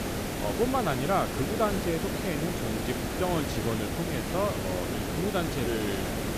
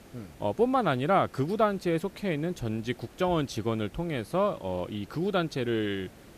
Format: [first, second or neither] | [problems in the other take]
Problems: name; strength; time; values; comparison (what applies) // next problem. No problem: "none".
second | hiss; loud; throughout; as loud as the speech; faint in the second